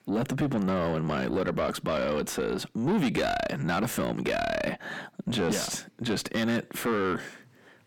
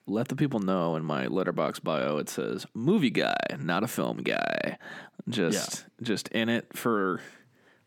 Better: second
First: distortion; heavy; 7 dB below the speech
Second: none

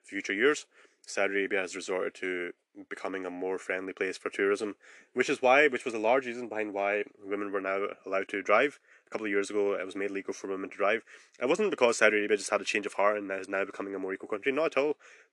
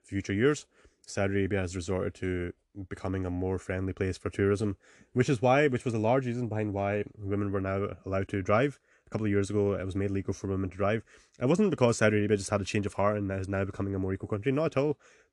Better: second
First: thin; somewhat; fading below 350 Hz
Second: none

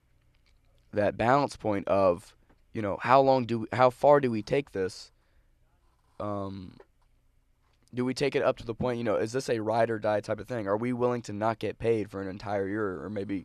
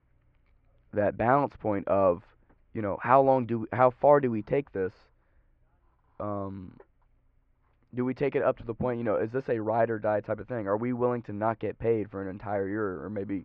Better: first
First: none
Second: muffled; very; fading above 2 kHz

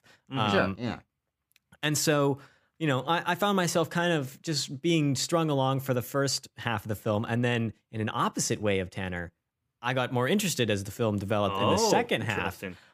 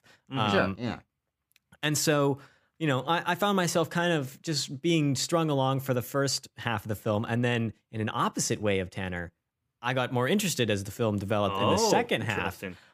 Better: neither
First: none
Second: none

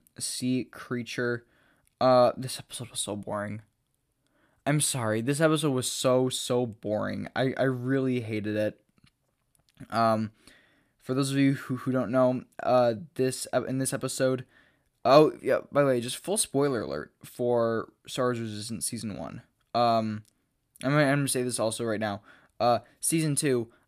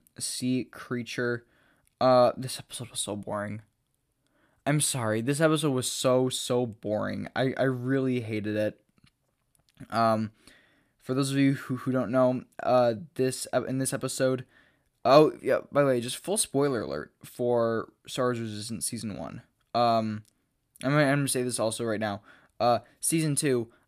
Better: neither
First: none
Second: none

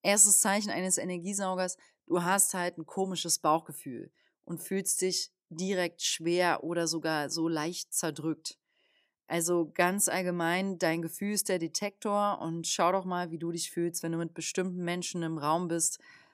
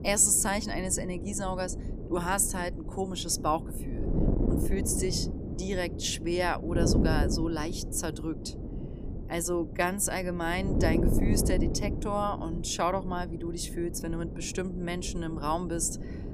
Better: first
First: none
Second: wind noise on the microphone; heavy; 9 dB below the speech

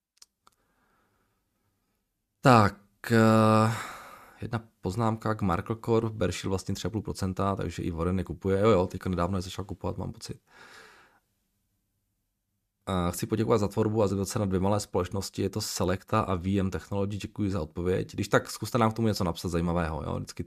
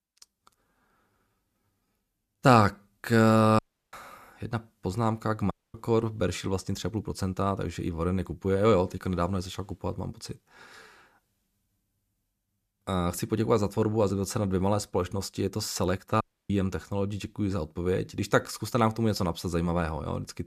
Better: first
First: none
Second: audio cutting out; at 3.5 s, at 5.5 s and at 16 s

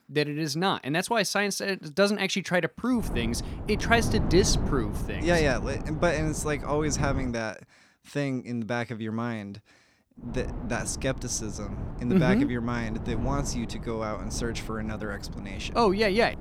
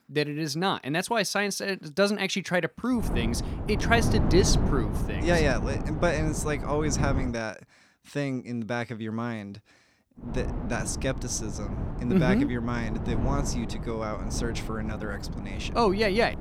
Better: first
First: wind noise on the microphone; occasional gusts; from 3 to 7.5 s and from 10 s on; 15 dB below the speech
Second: wind noise on the microphone; heavy; from 3 to 7.5 s and from 10 s on; 9 dB below the speech

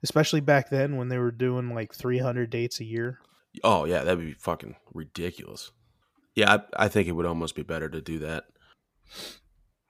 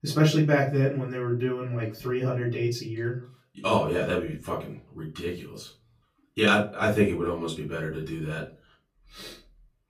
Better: first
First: none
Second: room echo; slight; dies away in 0.3 s // off-mic speech; far

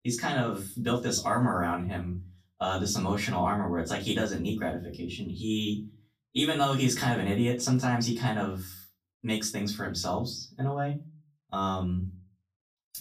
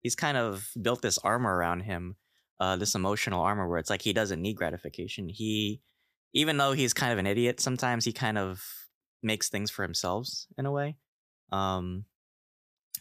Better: second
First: off-mic speech; far // room echo; very slight; dies away in 0.3 s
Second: none

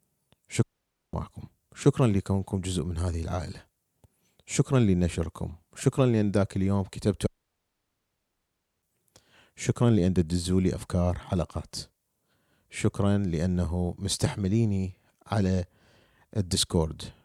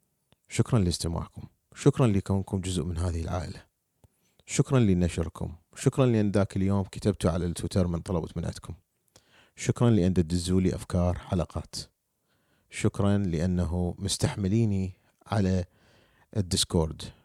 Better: second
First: audio cutting out; at 0.5 s and at 7.5 s for 1.5 s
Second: none

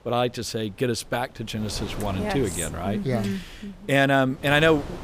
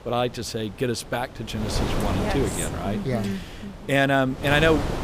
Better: first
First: wind noise on the microphone; occasional gusts; 15 dB below the speech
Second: wind noise on the microphone; heavy; 8 dB below the speech

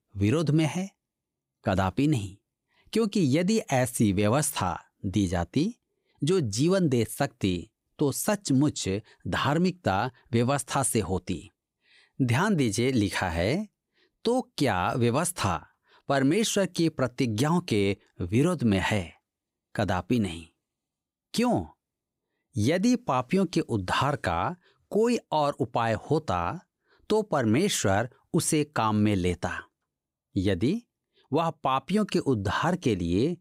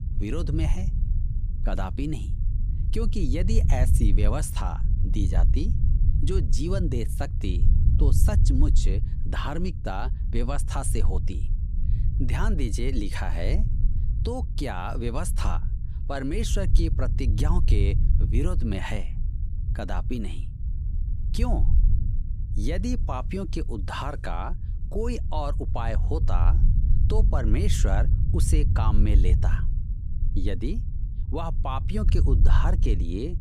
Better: first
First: none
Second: low rumble; loud; throughout; 10 dB below the speech

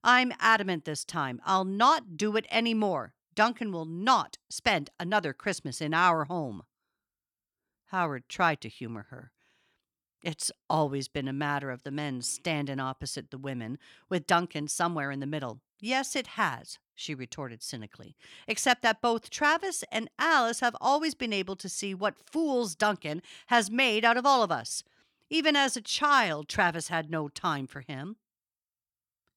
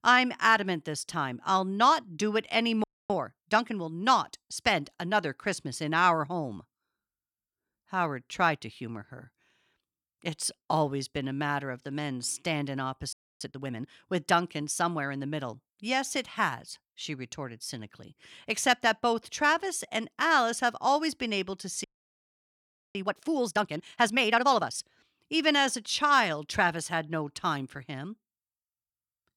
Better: first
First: none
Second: audio freezing; at 3 s, at 13 s and at 22 s for 1 s

